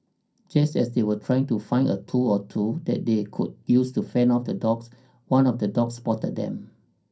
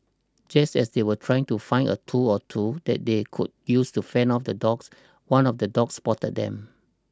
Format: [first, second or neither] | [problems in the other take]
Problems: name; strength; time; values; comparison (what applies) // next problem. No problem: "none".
second | room echo; dies away in 0.3 s